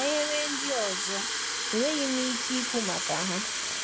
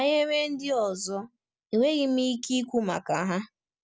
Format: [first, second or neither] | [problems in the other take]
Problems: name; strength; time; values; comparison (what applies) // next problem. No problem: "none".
second | background sound (Fill (with liquid) / Water tap, faucet); 1 dB above the speech